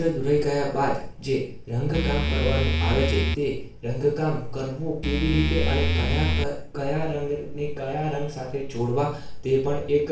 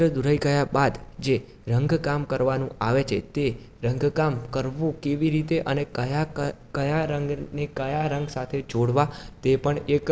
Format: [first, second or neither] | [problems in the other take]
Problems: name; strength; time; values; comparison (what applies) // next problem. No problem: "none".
second | background sound (Musical instrument); 2 dB above the speech // room echo; dies away in 0.4 s